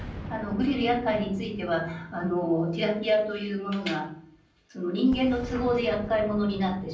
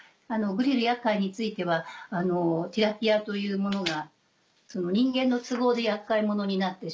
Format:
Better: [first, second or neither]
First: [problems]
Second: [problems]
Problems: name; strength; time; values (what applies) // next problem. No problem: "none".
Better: second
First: background sound (Boom); 14 dB below the speech // room echo; dies away in 0.6 s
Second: none